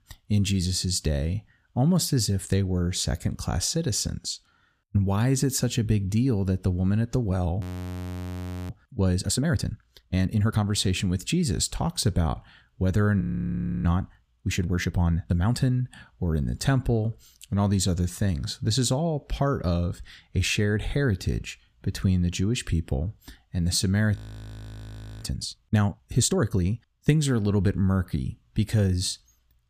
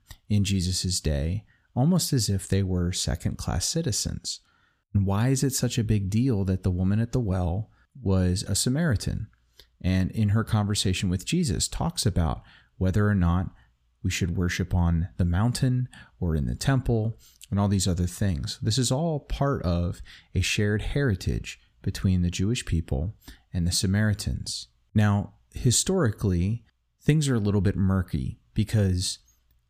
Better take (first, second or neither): second